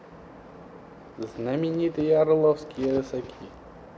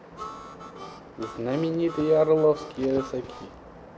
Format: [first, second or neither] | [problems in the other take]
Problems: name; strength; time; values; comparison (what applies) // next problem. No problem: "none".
first | background sound (Harmonica); 16 dB below the speech